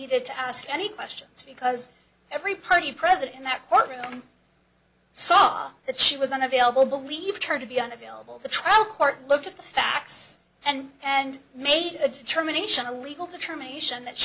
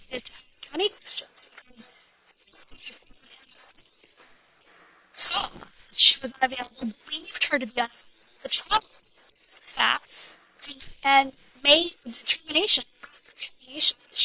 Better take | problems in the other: first | noise reduction (neural separator model SepFormer WHAM!)

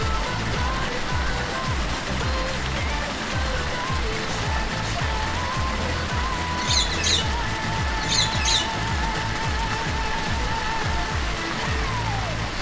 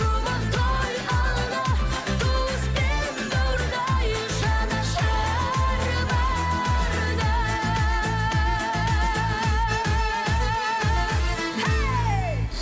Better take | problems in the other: second | background sound (Bird + Water); as loud as the speech

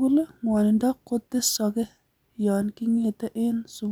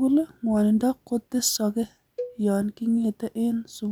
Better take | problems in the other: first | background sound (Cowbell); 17 dB below the speech

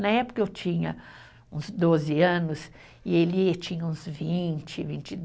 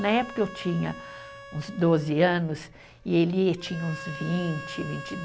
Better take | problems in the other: first | background sound (Harmonica); 15 dB below the speech

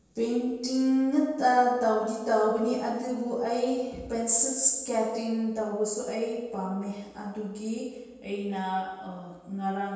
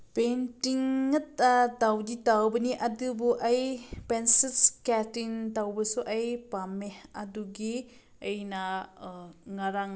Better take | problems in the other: second | room echo; dies away in 1.2 s

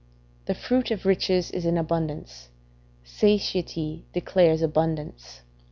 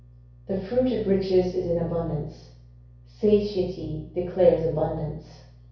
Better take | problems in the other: first | room echo; dies away in 0.6 s

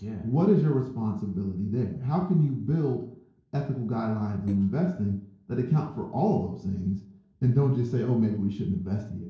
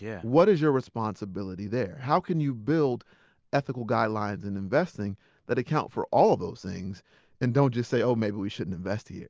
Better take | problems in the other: second | noise reduction (neural separator model SepFormer DNS4)

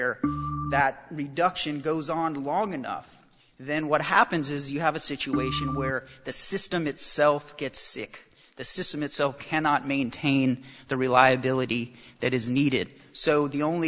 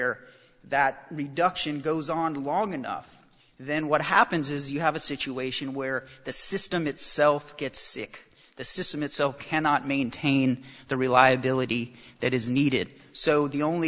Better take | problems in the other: second | background sound (Organ); 4 dB below the speech

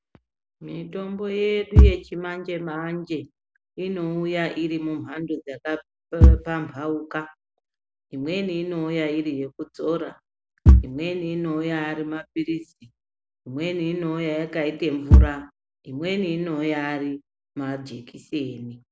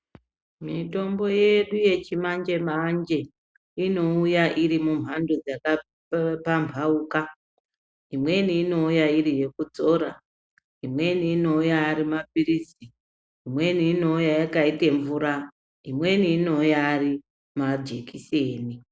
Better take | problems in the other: second | background sound (Bass drum / Thump, thud); 4 dB above the speech

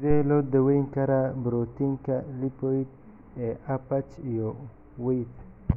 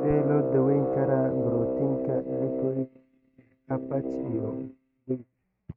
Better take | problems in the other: first | noise reduction (neural mask model RNNoise)

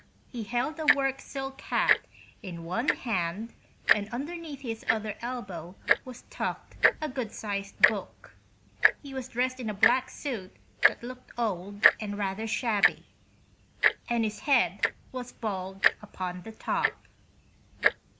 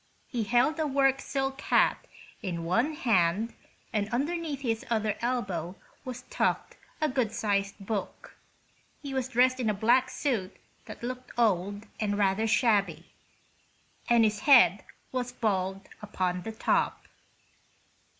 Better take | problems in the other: second | background sound (Tick-tock); 1 dB above the speech

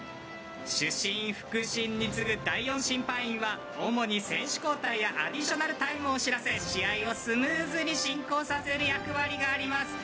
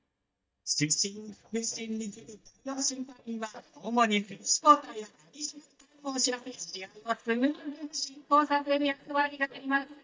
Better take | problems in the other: first | noise reduction (neural mask model DeepFilterNet 3)

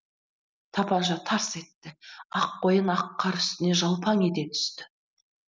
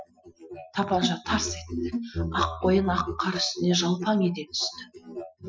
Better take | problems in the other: first | noise reduction (classical method Wiener filter)

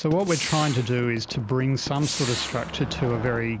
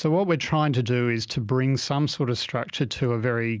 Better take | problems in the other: second | background sound (Gunshot, gunfire + Motor vehicle (road)); 9 dB below the speech

